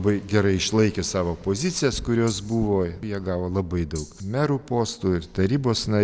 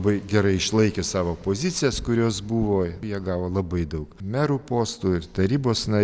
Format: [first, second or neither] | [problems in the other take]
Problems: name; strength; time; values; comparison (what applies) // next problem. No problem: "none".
second | background sound (Rattle (instrument)); 19 dB below the speech